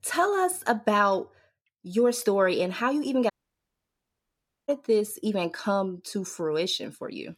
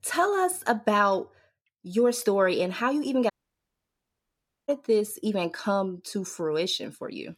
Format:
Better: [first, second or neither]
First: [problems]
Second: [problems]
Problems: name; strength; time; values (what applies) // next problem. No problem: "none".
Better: neither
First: audio cutting out; at 3.5 s for 1.5 s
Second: audio cutting out; at 3.5 s for 1.5 s